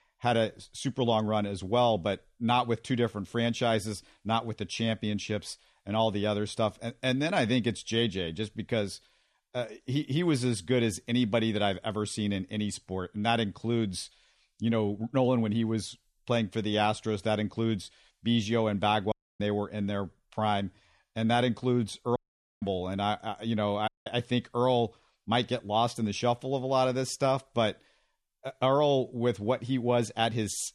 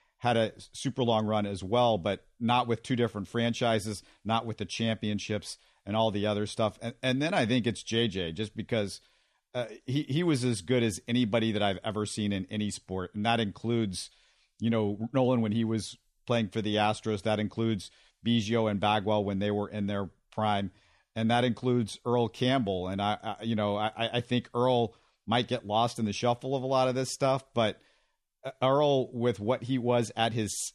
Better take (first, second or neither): second